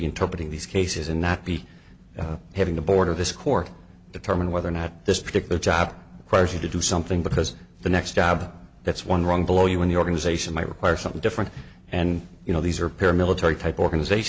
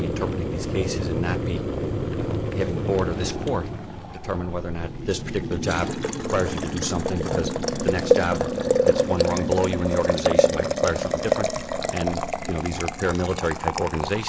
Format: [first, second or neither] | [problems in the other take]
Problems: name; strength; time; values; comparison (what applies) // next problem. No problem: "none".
first | background sound (Boiling); 2 dB above the speech